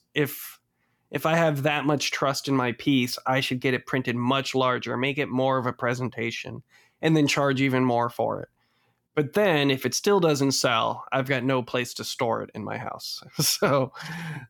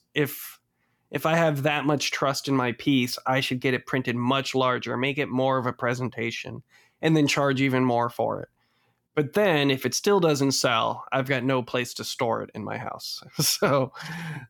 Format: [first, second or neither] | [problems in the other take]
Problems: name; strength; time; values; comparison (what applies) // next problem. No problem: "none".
neither | none